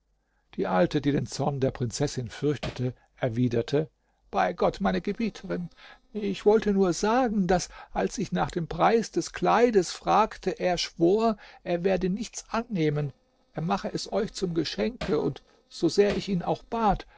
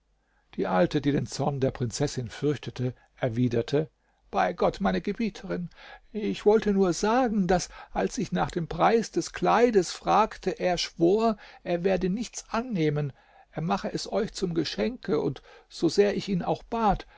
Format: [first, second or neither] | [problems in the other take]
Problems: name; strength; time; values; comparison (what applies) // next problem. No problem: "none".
second | noise reduction (neural separator model SepFormer DNS4)